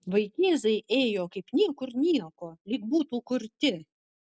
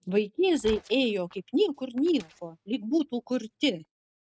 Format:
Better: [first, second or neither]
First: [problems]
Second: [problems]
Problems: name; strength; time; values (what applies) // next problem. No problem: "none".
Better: first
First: none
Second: noise reduction (neural mask model RNNoise)